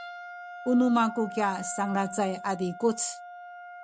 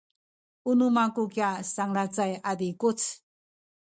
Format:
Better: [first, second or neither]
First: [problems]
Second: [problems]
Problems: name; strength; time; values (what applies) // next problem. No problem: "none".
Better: second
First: background sound (Wind instrument, woodwind instrument); 12 dB below the speech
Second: none